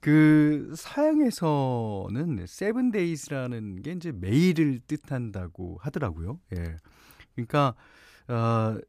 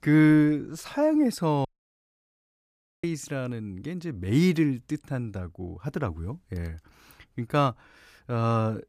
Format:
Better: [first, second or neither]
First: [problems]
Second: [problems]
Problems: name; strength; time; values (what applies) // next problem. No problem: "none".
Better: first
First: none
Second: audio cutting out; at 1.5 s for 1.5 s